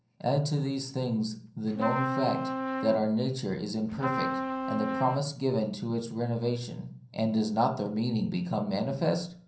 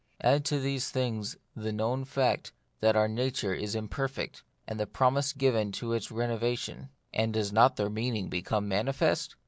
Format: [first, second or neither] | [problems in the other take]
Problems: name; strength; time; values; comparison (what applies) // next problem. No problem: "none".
second | background sound (Trumpet); 4 dB below the speech // room echo; dies away in 0.6 s